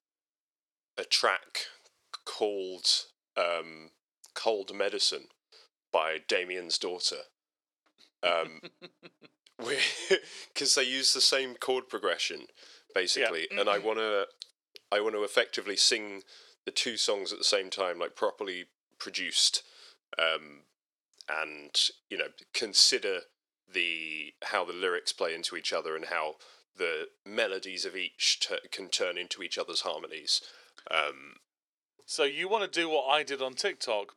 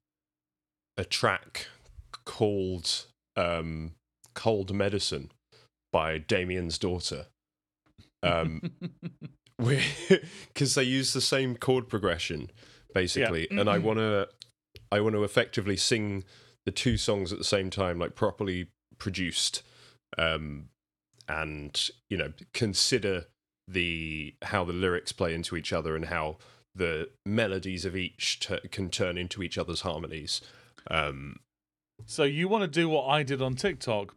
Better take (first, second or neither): second